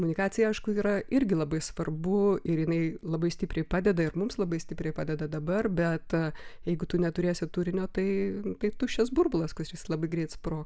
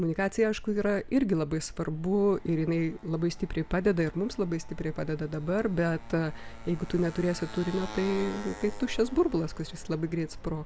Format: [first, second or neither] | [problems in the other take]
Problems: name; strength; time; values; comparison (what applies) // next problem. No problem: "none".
first | background sound (Motorcycle); 18 dB below the speech